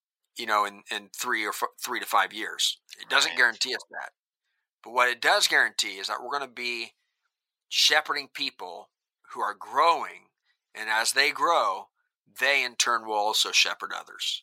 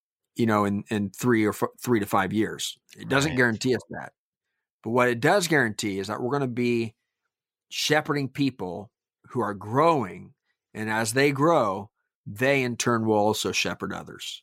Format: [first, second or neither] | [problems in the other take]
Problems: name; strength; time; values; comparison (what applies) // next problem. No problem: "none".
second | thin; very; fading below 950 Hz